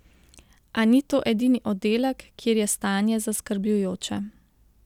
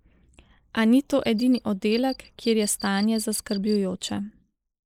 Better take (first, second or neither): first